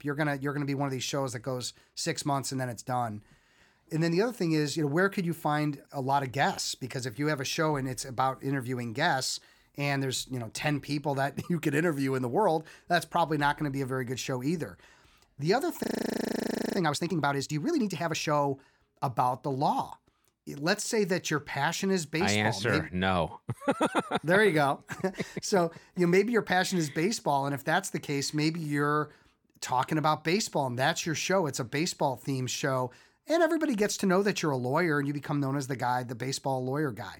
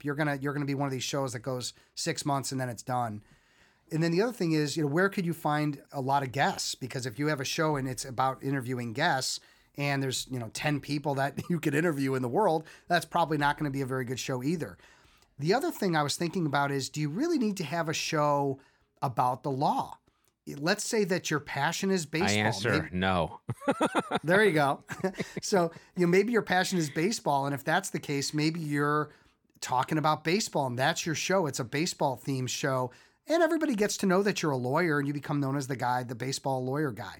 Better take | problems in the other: second | audio freezing; at 16 s for 1 s

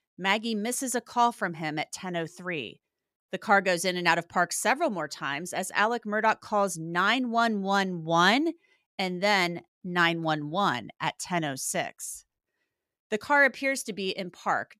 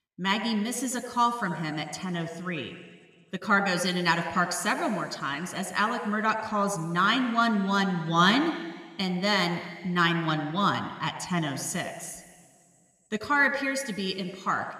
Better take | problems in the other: first | room echo; slight; dies away in 2.1 s

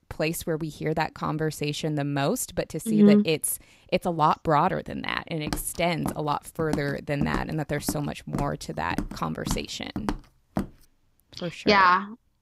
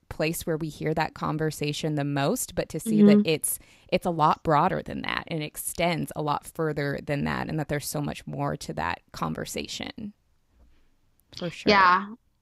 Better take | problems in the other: second | footsteps; noticeable; from 5.5 to 11 s; peak 7 dB below the speech

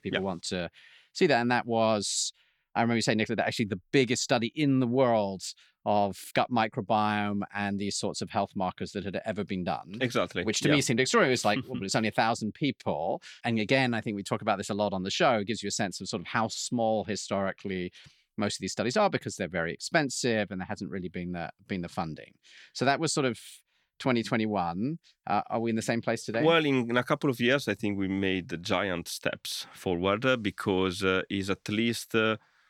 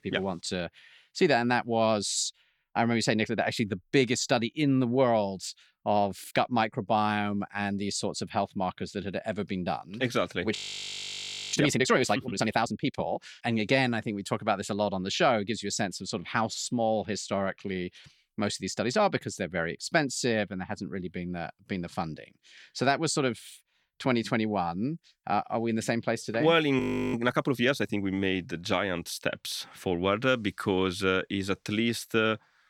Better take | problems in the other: first | audio freezing; at 11 s for 1 s and at 27 s

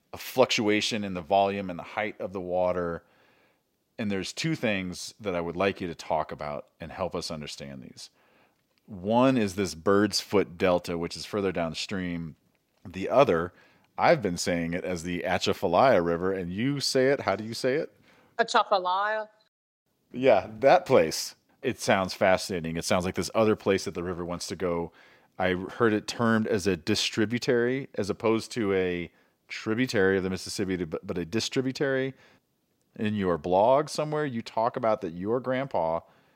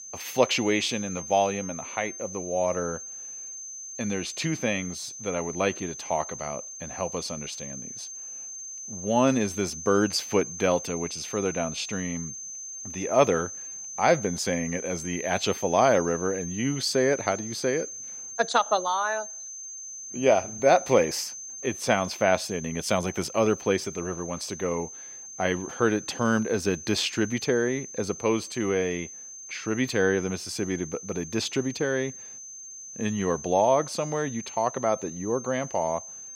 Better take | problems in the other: first | high-pitched whine; loud; throughout; 6.5 kHz, 10 dB below the speech

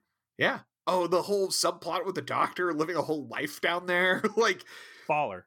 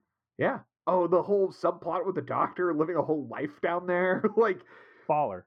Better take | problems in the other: first | muffled; very; fading above 3.5 kHz

